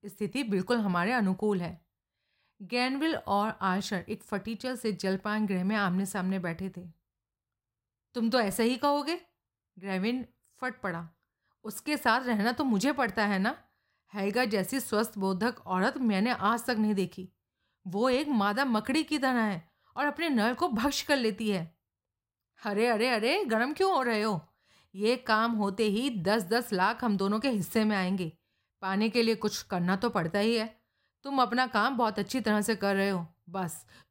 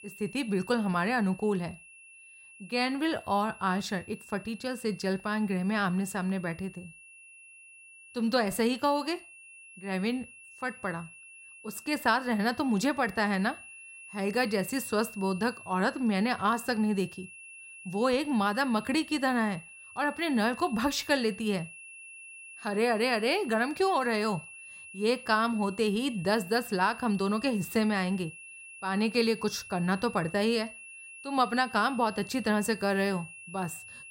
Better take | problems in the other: first | high-pitched whine; noticeable; throughout; 2.5 kHz, 15 dB below the speech

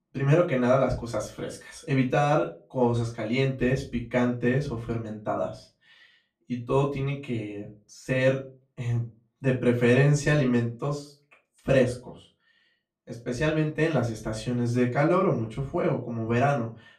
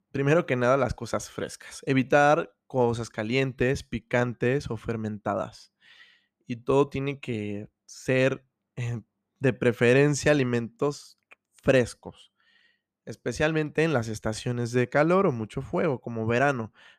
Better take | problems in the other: second | off-mic speech; far // room echo; very slight; dies away in 0.3 s

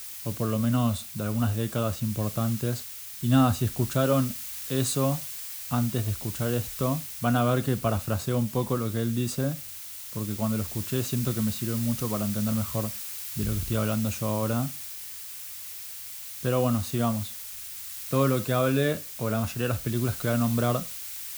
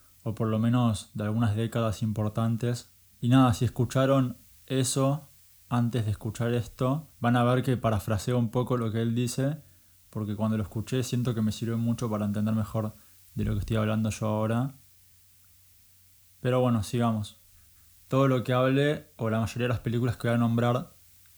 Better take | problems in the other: second | hiss; loud; throughout; 7 dB below the speech; faint in the second

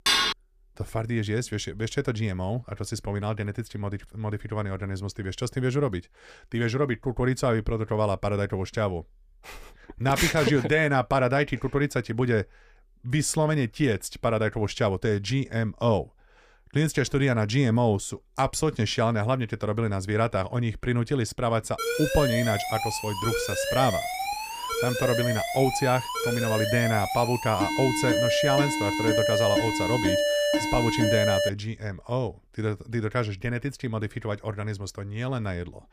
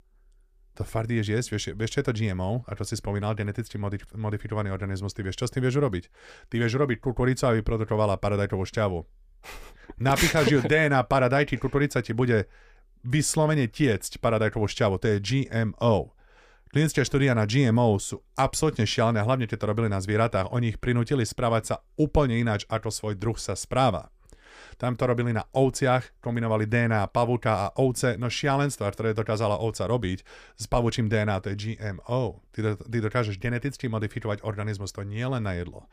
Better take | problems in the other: second | clattering dishes; loud; at the start; peak 6 dB above the speech // alarm; loud; from 22 to 32 s; peak 4 dB above the speech

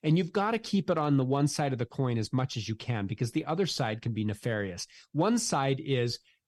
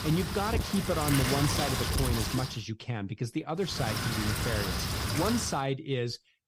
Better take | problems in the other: first | wind noise on the microphone; heavy; until 2.5 s and from 3.5 to 5.5 s; 1 dB above the speech

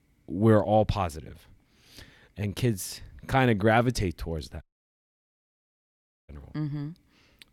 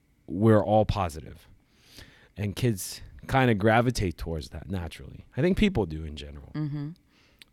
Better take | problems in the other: second | audio cutting out; at 4.5 s for 1.5 s

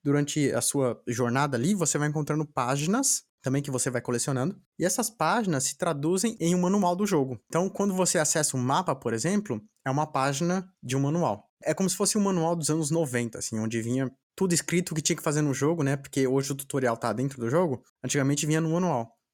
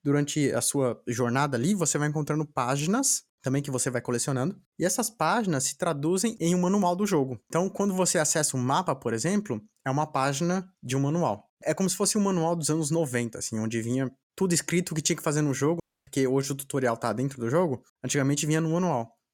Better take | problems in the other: first | audio cutting out; at 16 s

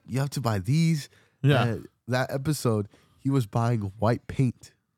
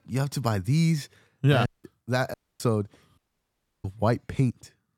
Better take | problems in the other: first | audio cutting out; at 1.5 s, at 2.5 s and at 3 s for 0.5 s

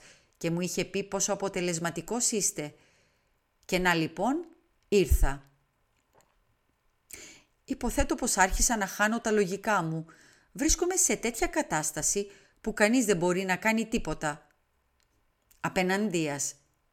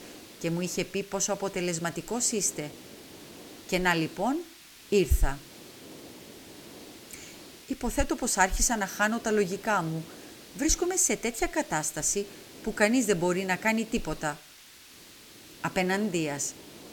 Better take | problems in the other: first | hiss; noticeable; throughout; 20 dB below the speech

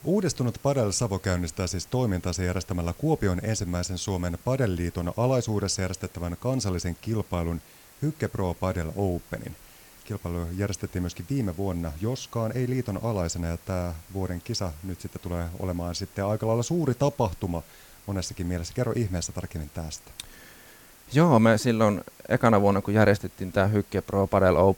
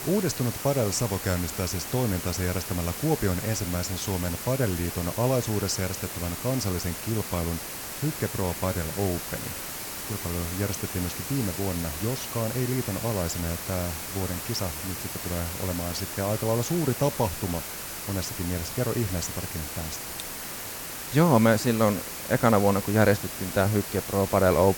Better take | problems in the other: first | hiss; loud; throughout; 5 dB below the speech; faint in the first

